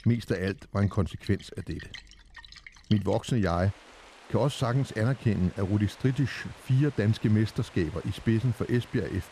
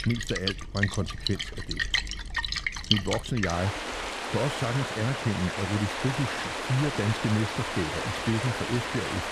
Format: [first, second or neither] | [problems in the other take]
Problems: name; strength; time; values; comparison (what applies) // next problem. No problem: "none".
first | rain or running water; loud; throughout; as loud as the speech; faint in the first